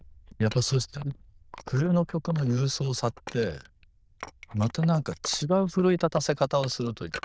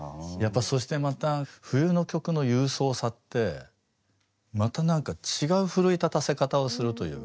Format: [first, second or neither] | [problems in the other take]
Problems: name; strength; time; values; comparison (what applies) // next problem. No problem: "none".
second | noise reduction (neural diffusion model UNIVERSE++)